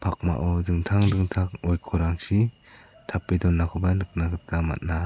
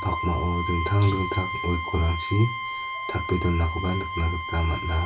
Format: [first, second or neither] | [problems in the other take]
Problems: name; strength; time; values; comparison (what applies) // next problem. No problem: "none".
first | background sound (Bowed string instrument); 6 dB below the speech // room echo; dies away in 0.2 s